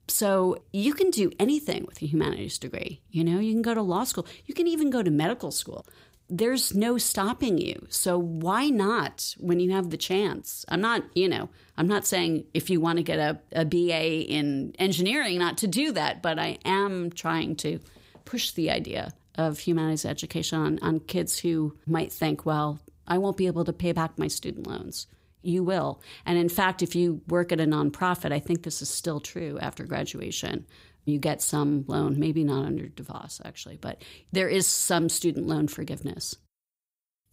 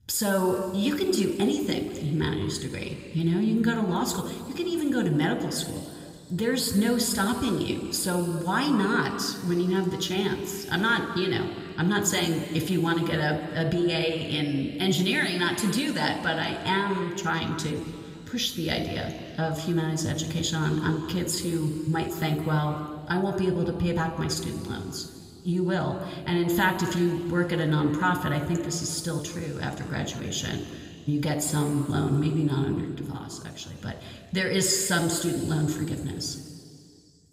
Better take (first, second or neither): first